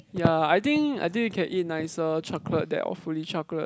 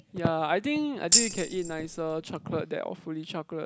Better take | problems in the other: first | background sound (Tambourine); 4 dB above the speech

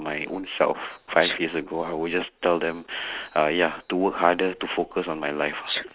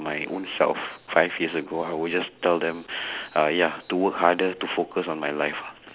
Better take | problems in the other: second | noise reduction (neural mask model RNNoise)

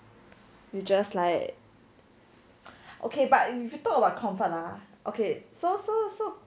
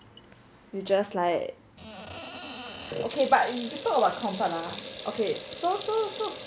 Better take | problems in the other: first | background sound (Sink (filling or washing) / Water tap, faucet); 11 dB below the speech

